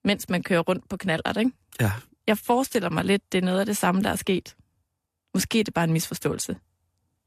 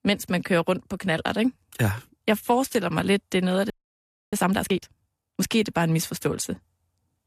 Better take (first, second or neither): first